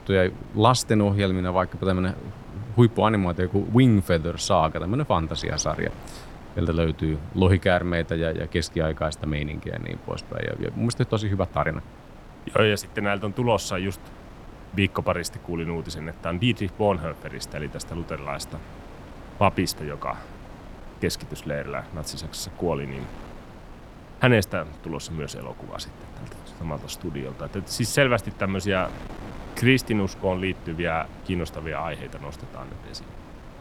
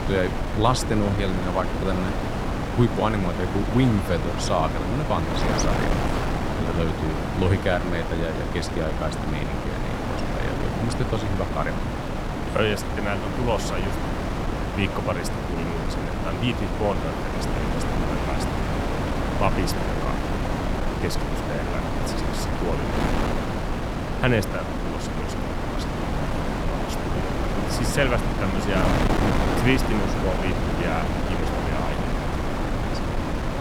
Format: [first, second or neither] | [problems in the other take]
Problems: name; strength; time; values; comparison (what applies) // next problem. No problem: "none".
first | wind noise on the microphone; heavy; as loud as the speech; occasional gusts in the first